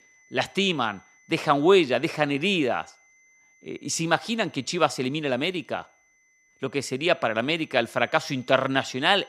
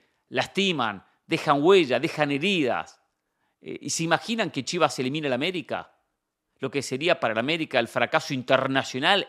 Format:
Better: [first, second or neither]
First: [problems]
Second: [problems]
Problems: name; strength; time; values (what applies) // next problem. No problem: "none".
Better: second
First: high-pitched whine; faint; throughout; 2 kHz, 35 dB below the speech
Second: none